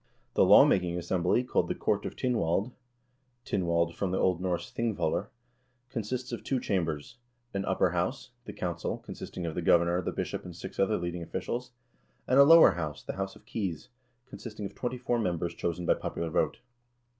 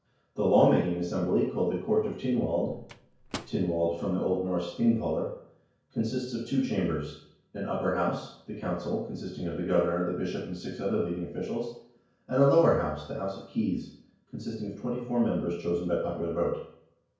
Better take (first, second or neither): first